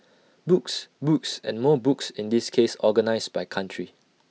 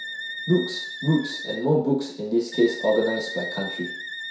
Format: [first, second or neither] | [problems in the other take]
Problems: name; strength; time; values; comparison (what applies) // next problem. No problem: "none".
first | background sound (Wind instrument, woodwind instrument); 9 dB below the speech // room echo; dies away in 0.6 s